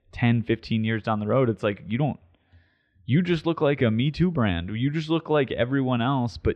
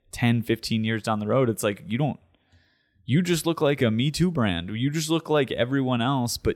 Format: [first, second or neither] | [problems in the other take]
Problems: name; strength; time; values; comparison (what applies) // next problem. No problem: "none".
second | muffled; slightly; fading above 3 kHz